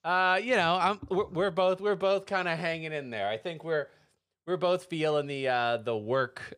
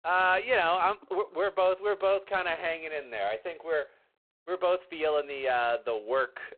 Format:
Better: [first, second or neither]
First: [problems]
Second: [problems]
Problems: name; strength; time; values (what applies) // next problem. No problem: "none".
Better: first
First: none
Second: phone-call audio; poor line; nothing above 4 kHz